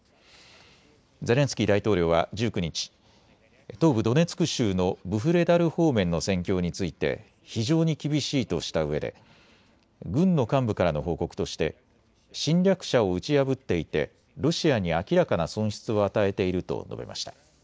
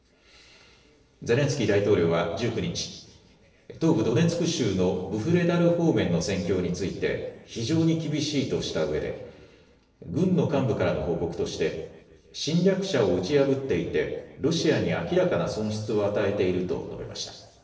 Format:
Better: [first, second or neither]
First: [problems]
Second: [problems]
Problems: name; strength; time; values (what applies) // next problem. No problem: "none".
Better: first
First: none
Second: room echo; dies away in 1 s